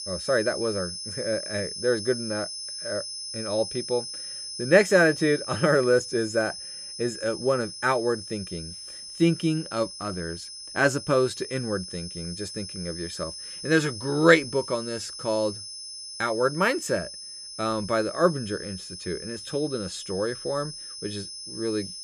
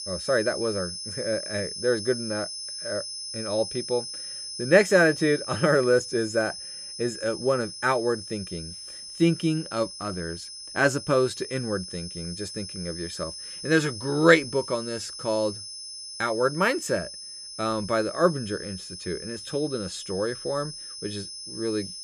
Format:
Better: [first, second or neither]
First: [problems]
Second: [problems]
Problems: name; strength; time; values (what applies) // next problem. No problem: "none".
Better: neither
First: high-pitched whine; loud; throughout; 5 kHz, 9 dB below the speech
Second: high-pitched whine; loud; throughout; 5 kHz, 9 dB below the speech